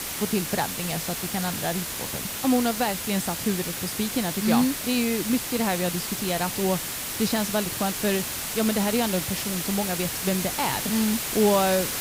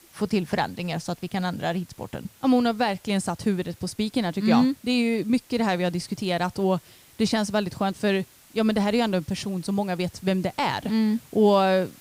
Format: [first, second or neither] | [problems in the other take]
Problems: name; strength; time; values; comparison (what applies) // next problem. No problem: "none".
second | hiss; loud; throughout; 2 dB below the speech; faint in the second